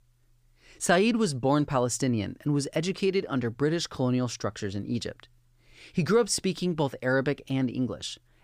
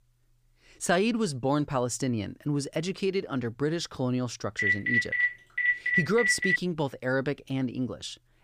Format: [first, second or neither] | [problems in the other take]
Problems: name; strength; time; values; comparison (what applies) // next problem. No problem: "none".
first | phone ringing; loud; from 4.5 to 6.5 s; peak 6 dB above the speech